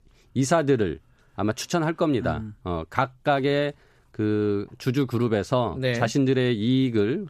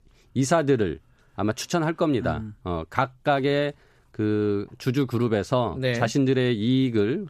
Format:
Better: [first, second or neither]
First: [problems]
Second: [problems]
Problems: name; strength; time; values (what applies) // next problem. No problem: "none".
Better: neither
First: none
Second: none